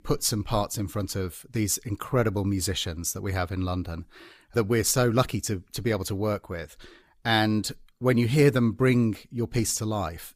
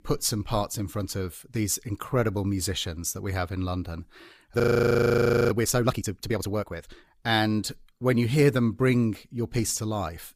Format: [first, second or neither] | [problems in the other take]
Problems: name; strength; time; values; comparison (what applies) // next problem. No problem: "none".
first | audio freezing; at 4.5 s for 1 s